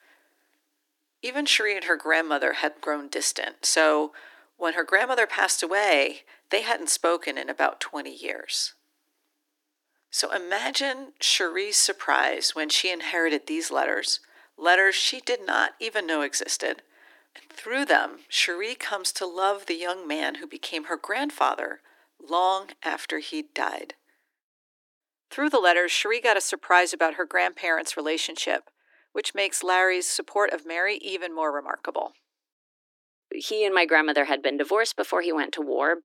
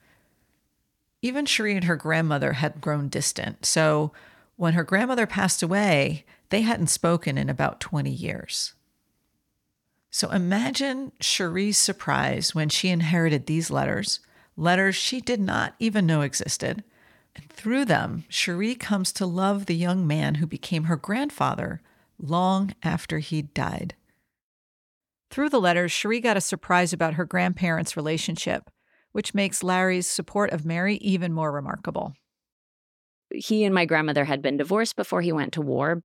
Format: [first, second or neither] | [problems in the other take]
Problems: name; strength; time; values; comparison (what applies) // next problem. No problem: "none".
second | thin; very; fading below 300 Hz